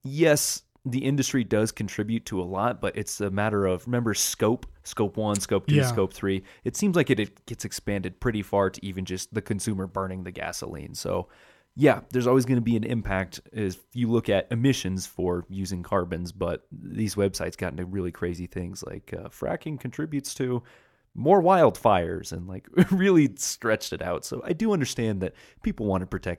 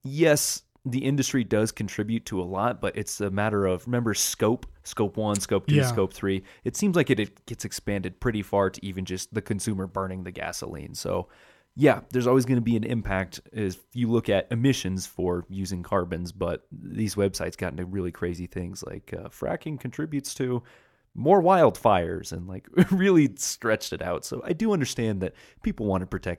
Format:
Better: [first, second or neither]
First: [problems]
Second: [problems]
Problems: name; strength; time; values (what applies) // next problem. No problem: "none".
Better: neither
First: none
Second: none